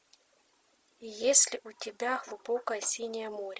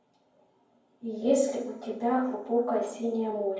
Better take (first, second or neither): first